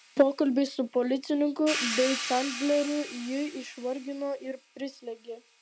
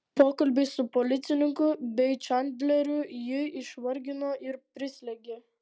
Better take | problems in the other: second | background sound (Hi-hat); 10 dB below the speech

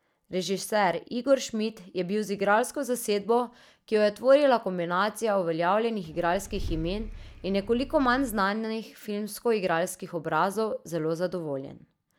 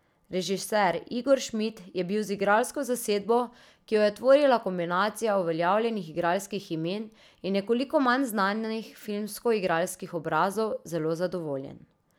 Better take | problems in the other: second | noise reduction (neural mask model DeepFilterNet 3)

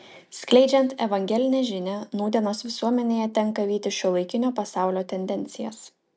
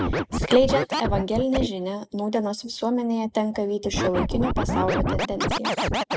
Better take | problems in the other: first | noise reduction (neural mask model Resemble Enhance denoiser)

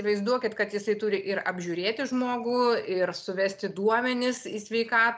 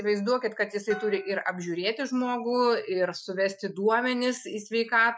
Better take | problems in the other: first | noise reduction (classical method Wiener filter)

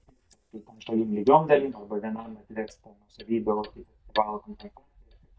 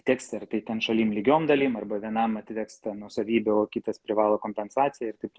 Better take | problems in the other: second | noise reduction (neural mask model DeepFilterNet 3)

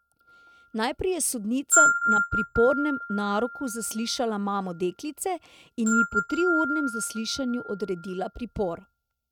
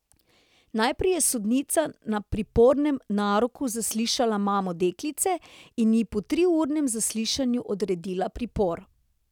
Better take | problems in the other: second | noise reduction (neural mask model RNNoise)

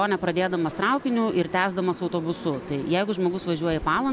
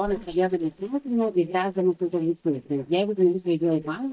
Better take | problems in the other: first | noise reduction (neural mask model DeepFilterNet 3)

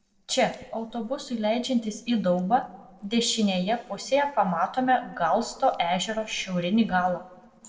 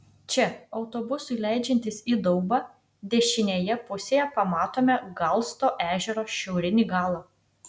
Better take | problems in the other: second | noise reduction (neural separator model SepFormer DNS4)

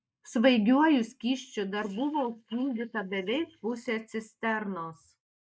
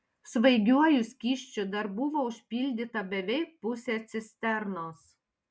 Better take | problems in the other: second | noise reduction (neural mask model Resemble Enhance denoiser)

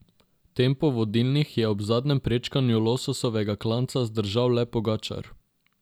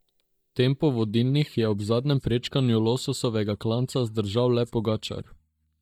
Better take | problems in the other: first | noise reduction (neural mask model DeepFilterNet 3)

